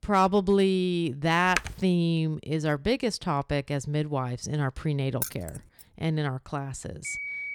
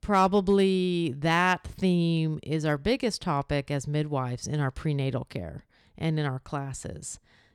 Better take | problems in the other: second | keyboard typing; noticeable; at 1.5 s; peak 4 dB below the speech // jangling keys; noticeable; at 5 s; peak 6 dB below the speech // phone ringing; noticeable; at 7 s; peak 5 dB below the speech

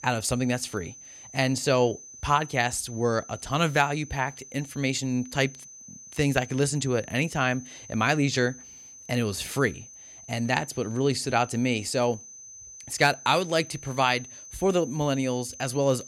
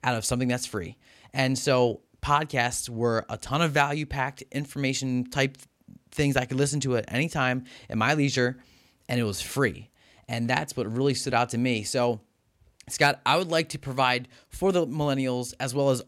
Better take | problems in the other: second | high-pitched whine; noticeable; throughout; 6 kHz, 15 dB below the speech

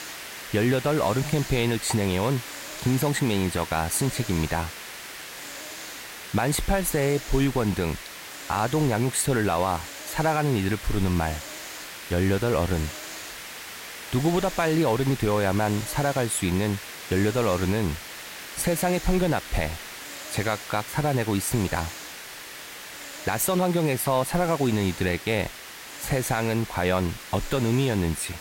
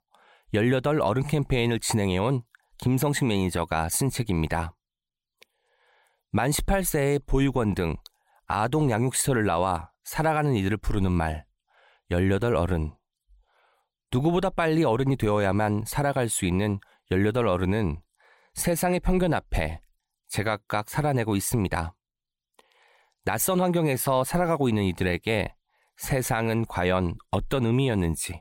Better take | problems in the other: second | hiss; noticeable; throughout; 10 dB below the speech

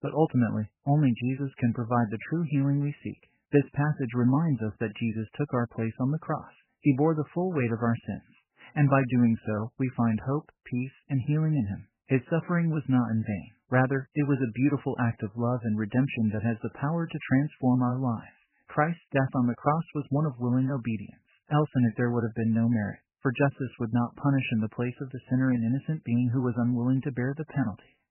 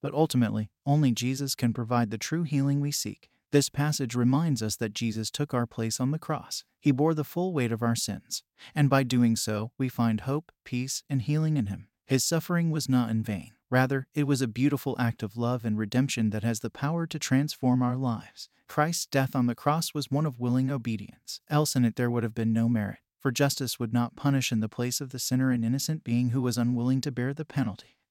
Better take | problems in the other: second | garbled, watery; badly; nothing above 3 kHz

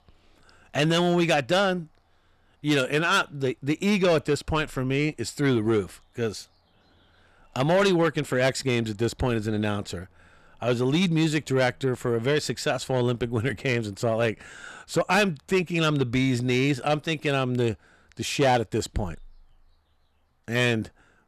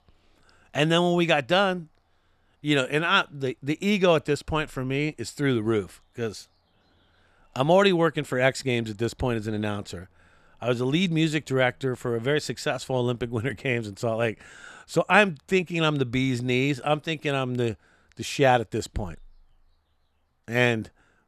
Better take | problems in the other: second | distortion; slight; 10 dB below the speech

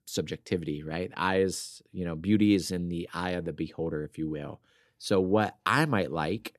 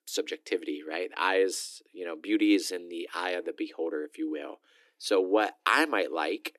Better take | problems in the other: first | thin; somewhat; fading below 300 Hz

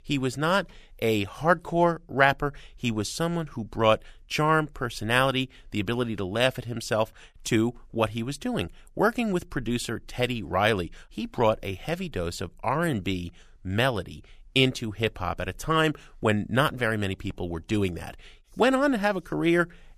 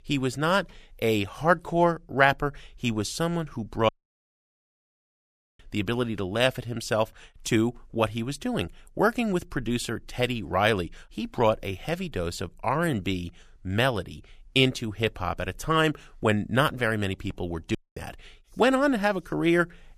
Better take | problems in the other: first | audio cutting out; at 4 s for 1.5 s and at 18 s

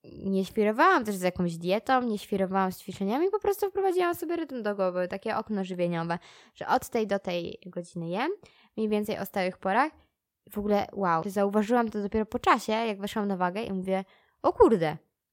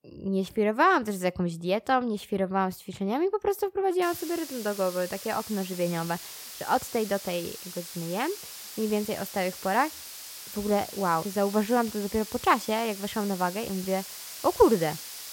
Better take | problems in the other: first | hiss; noticeable; from 4 s on; 10 dB below the speech

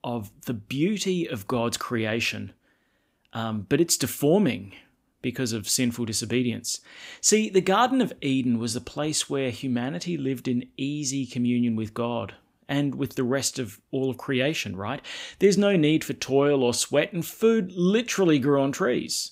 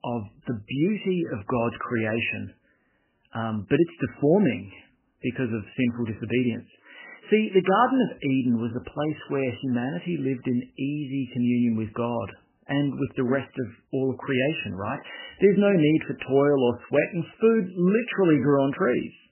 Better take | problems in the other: first | garbled, watery; badly; nothing above 3 kHz

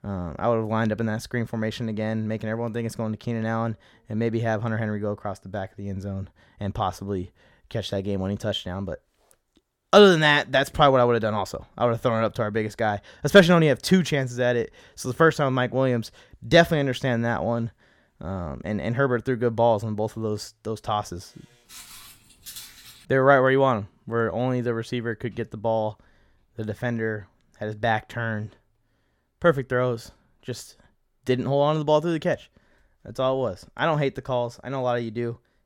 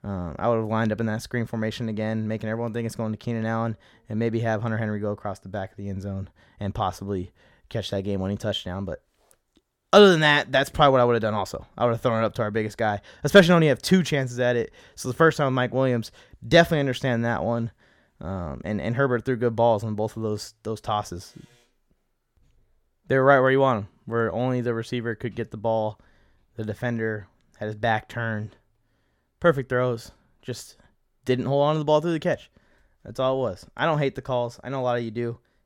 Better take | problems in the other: second | footsteps; faint; from 22 to 23 s; peak 15 dB below the speech

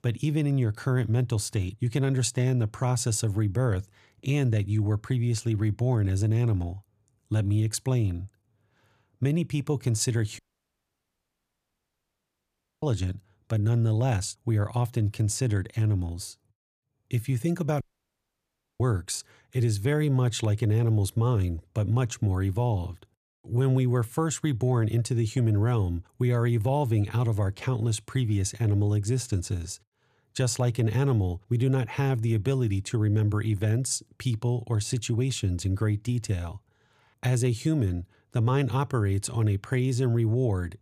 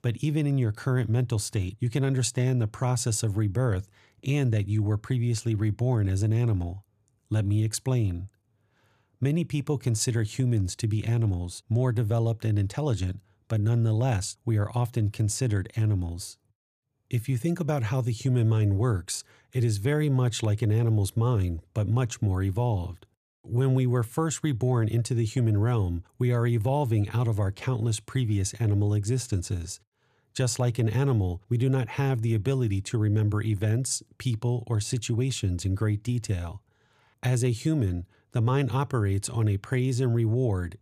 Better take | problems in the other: second | audio cutting out; at 10 s for 2.5 s and at 18 s for 1 s

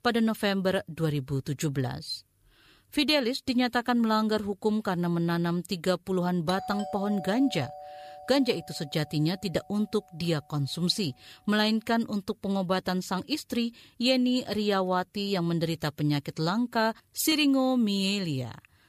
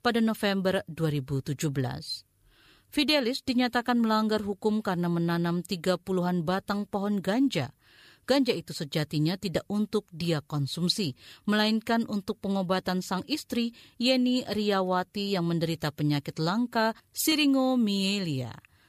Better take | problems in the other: second | doorbell; noticeable; from 6.5 to 9 s; peak 9 dB below the speech

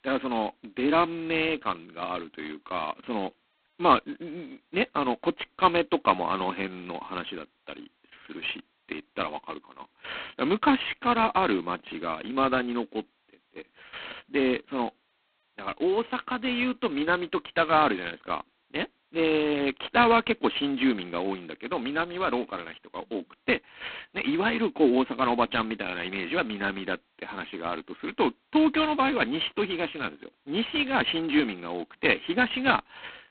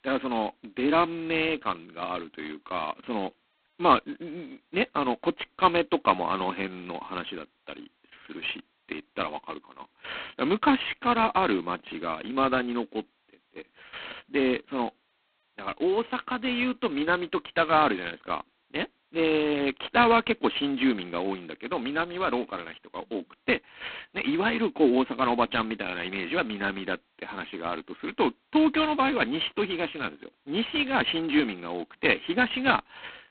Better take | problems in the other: neither | phone-call audio; poor line; nothing above 3.5 kHz; the same in both

